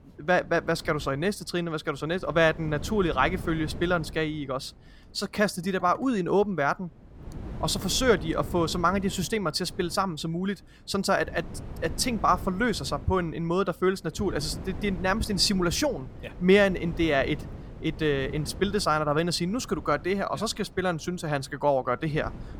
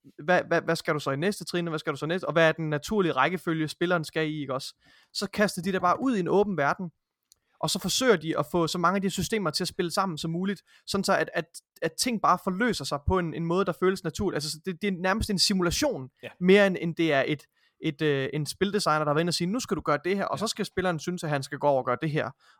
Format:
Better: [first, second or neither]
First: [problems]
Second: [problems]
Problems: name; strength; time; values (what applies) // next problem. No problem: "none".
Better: second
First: wind noise on the microphone; occasional gusts; 20 dB below the speech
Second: none